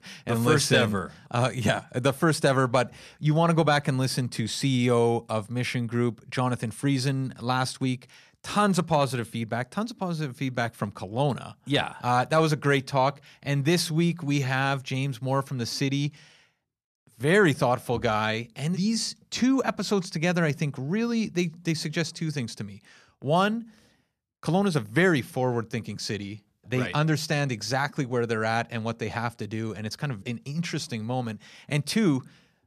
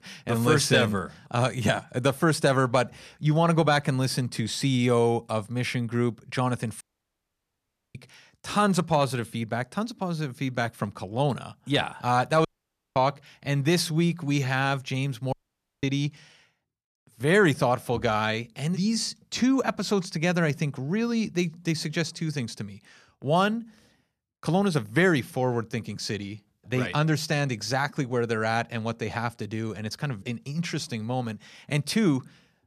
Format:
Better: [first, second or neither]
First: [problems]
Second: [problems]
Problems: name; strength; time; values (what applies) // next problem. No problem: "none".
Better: first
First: none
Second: audio cutting out; at 7 s for 1 s, at 12 s for 0.5 s and at 15 s for 0.5 s